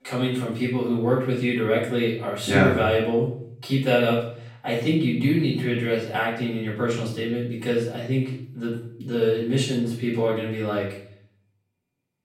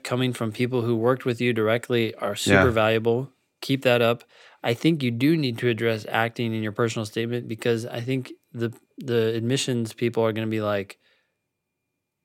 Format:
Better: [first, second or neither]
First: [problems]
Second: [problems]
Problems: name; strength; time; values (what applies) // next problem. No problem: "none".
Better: second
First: off-mic speech; far // room echo; noticeable; dies away in 0.6 s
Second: none